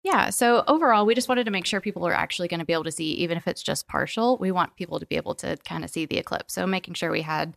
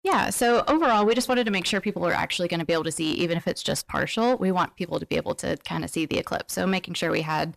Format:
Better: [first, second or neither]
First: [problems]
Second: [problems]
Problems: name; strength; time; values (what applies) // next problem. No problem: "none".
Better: first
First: none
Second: distortion; slight; 10 dB below the speech